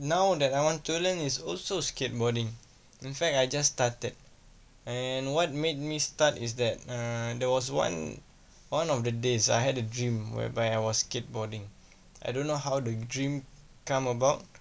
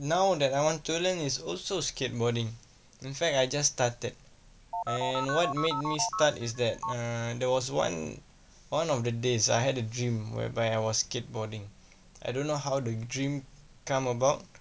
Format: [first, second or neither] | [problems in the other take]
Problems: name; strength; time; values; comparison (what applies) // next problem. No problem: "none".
first | background sound (Telephone); 4 dB below the speech